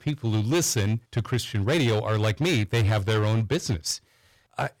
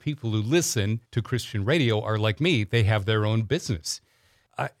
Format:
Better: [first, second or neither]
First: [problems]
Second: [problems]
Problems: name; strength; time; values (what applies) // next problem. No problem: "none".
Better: second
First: distortion; slight; 14% of the sound clipped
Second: none